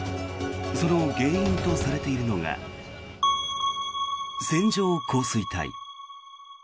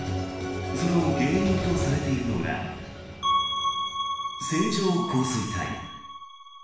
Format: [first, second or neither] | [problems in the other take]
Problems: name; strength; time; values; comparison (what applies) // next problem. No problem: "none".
first | room echo; dies away in 0.9 s